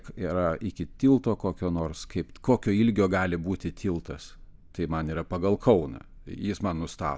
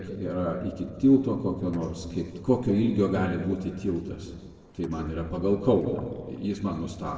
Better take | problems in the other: first | noise reduction (neural separator model SepFormer DNS4)

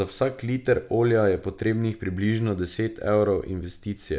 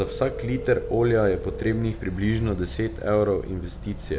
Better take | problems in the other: first | background sound (Telephone + Motor vehicle (road)); 9 dB below the speech

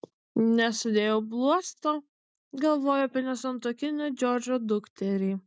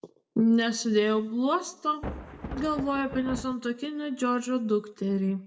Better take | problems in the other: first | background sound (Thunder); 10 dB below the speech // room echo; dies away in 0.5 s

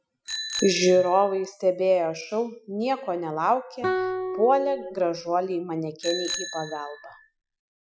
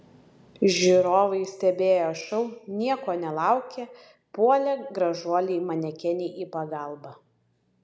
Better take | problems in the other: second | noise reduction (classical method Wiener filter)

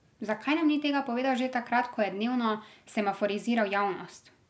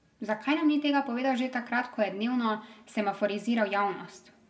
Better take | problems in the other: first | room echo; dies away in 0.8 s

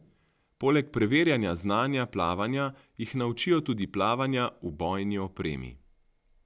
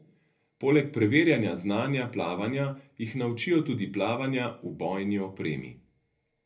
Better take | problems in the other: first | room echo; dies away in 0.3 s

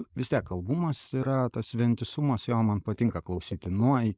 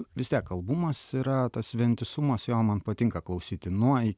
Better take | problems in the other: second | noise reduction (neural mask model Resemble Enhance denoiser)

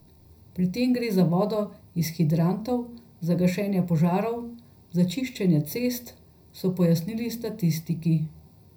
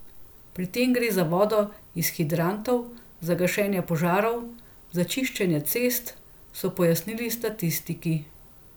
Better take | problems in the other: second | room echo; dies away in 0.3 s

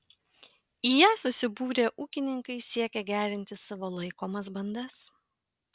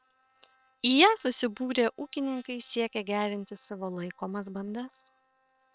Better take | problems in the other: first | noise reduction (neural separator model SepFormer WHAM!)

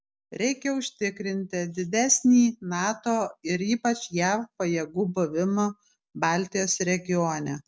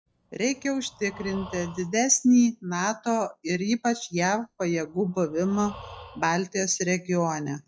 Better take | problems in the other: first | noise reduction (classical method log-MMSE)

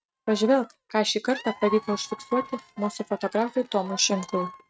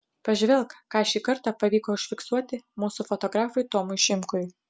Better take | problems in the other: second | noise reduction (neural mask model RNNoise)

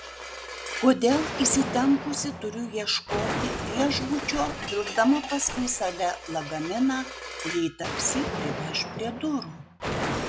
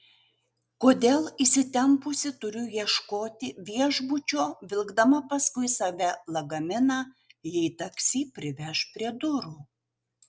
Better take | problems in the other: second | background sound (Explosion); 6 dB below the speech

